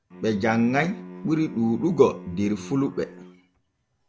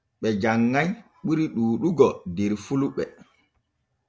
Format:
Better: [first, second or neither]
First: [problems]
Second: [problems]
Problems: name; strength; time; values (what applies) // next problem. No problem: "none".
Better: second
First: background sound (Bowed string instrument); 16 dB below the speech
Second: none